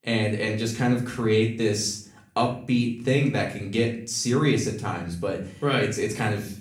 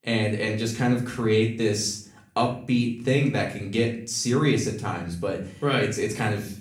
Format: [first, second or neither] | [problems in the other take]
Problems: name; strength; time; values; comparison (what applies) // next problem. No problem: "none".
neither | room echo; slight; dies away in 0.5 s; the same in both // off-mic speech; far; the same in both